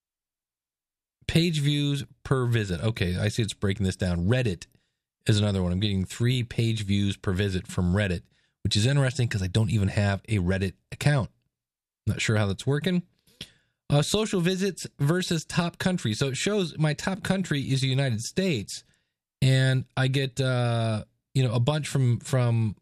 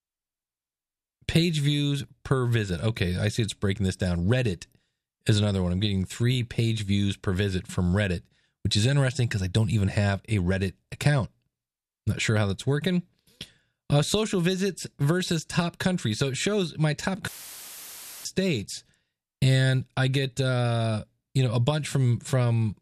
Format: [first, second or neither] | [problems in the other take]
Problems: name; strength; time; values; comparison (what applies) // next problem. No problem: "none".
first | audio cutting out; filled with static; at 17 s for 1 s